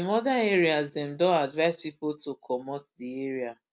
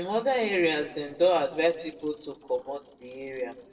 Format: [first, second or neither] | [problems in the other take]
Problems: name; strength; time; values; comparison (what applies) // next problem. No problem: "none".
first | noise reduction (neural separator model SepFormer DNS4)